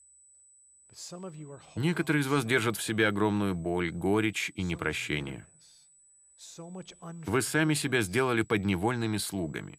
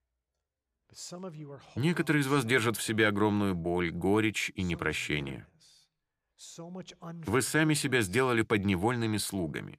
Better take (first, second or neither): second